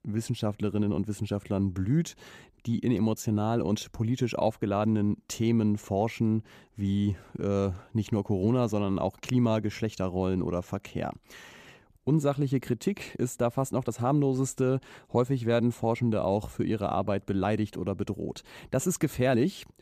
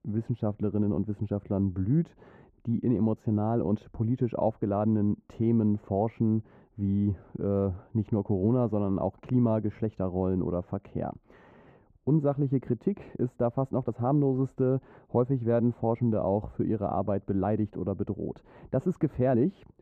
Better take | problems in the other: first | muffled; very; fading above 2.5 kHz

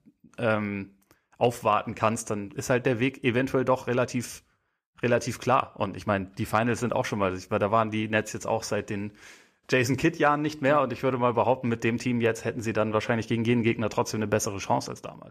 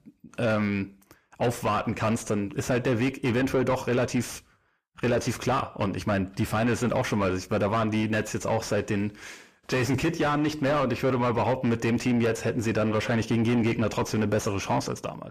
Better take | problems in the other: first | distortion; heavy; 6 dB below the speech

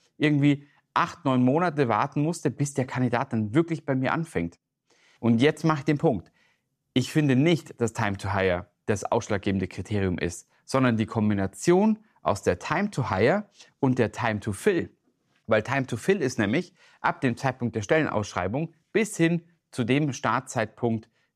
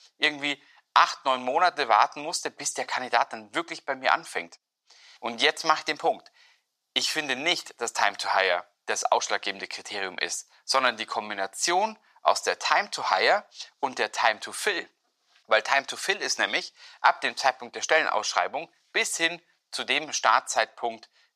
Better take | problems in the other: first | thin; very; fading below 900 Hz

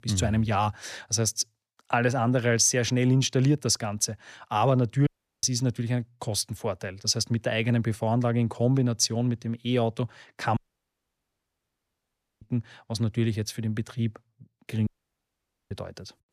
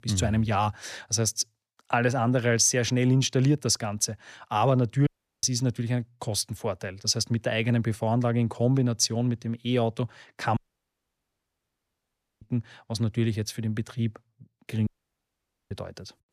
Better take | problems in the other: neither | audio cutting out; at 5 s, at 11 s for 2 s and at 15 s for 1 s; the same in both

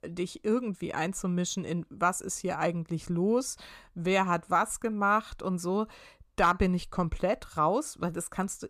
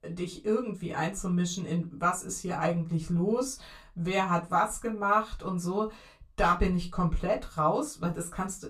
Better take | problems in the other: first | off-mic speech; far // room echo; very slight; dies away in 0.2 s

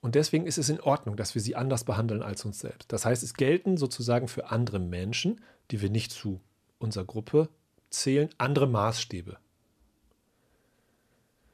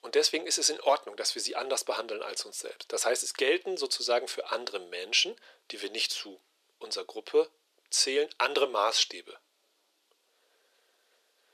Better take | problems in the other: first | thin; very; fading below 400 Hz

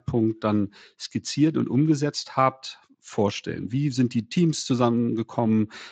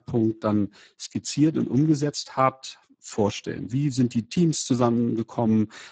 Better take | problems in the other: first | garbled, watery; badly; nothing above 8 kHz; slightly in the first

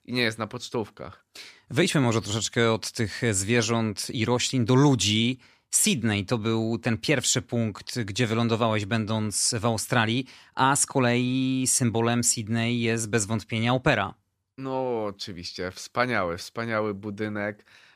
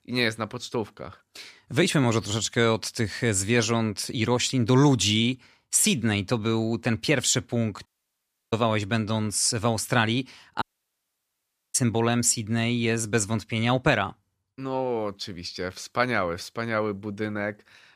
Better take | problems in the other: first | audio cutting out; at 8 s for 0.5 s and at 11 s for 1 s

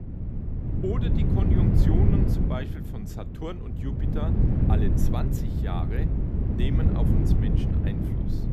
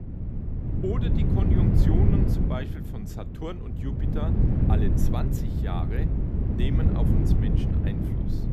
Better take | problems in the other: neither | wind noise on the microphone; heavy; 3 dB above the speech; the same in both

